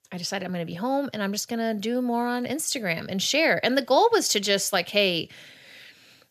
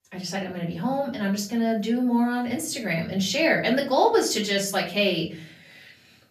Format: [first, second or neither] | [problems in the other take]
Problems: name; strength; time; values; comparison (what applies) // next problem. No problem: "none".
first | off-mic speech; far // room echo; slight; dies away in 0.5 s